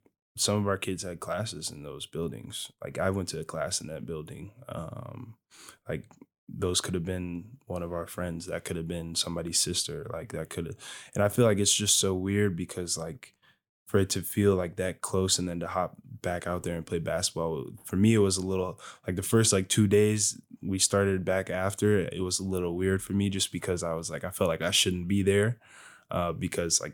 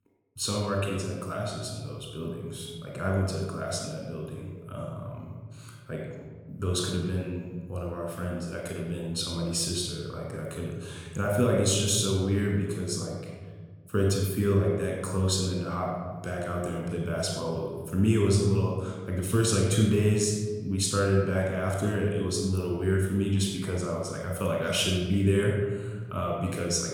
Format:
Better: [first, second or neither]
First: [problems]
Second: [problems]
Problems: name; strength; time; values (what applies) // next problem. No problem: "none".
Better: first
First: none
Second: off-mic speech; somewhat distant // room echo; noticeable; dies away in 1.6 s